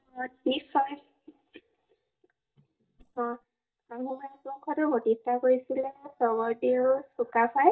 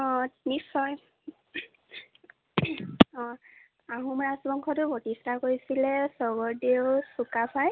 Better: second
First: noise reduction (neural mask model DeepFilterNet 3)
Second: none

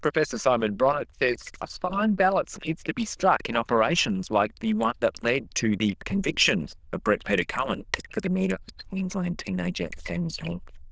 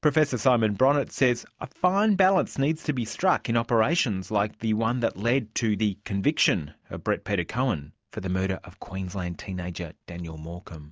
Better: second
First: noise reduction (neural diffusion model UNIVERSE++)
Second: none

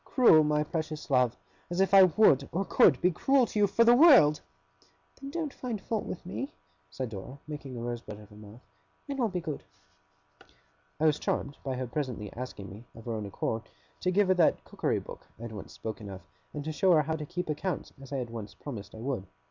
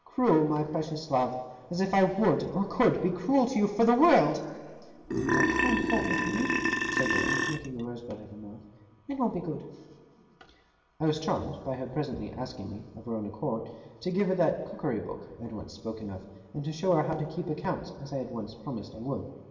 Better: first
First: none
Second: background sound (Burping, eructation); 2 dB above the speech // room echo; dies away in 2.2 s

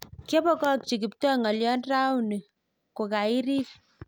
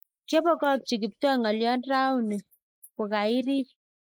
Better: first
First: none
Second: noise reduction (neural mask model Resemble Enhance denoiser)

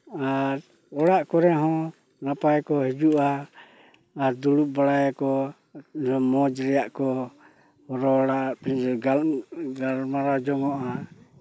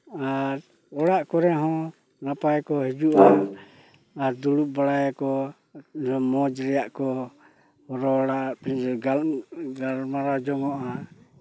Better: first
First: none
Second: background sound (Brass instrument); 4 dB above the speech

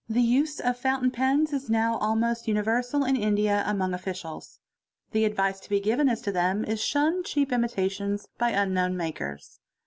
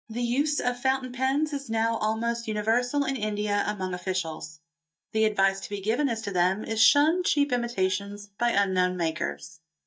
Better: first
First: none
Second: noise reduction (neural mask model DeepFilterNet 3)

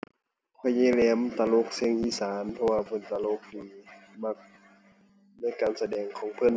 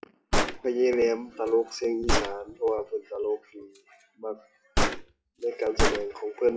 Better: first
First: none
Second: noise reduction (classical method WPE with log-MMSE)

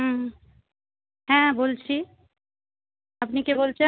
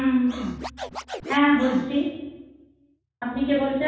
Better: first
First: none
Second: background sound (Scratching (performance technique)); 12 dB below the speech // room echo; dies away in 1.2 s

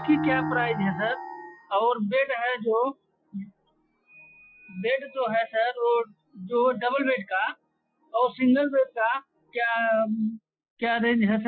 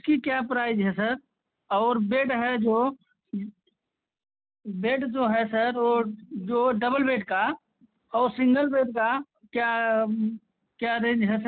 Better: second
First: noise reduction (classical method Wiener filter)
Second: none

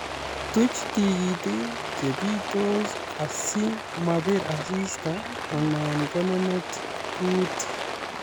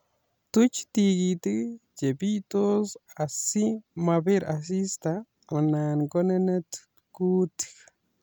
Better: second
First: background sound (Rain); 5 dB below the speech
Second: none

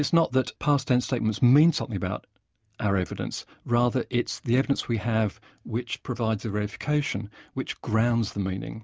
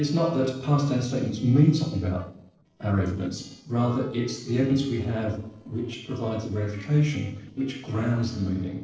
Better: first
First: none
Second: noise reduction (neural separator model SepFormer DNS4)

